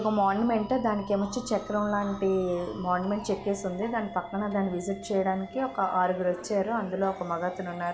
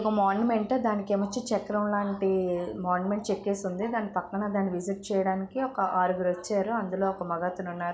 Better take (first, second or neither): second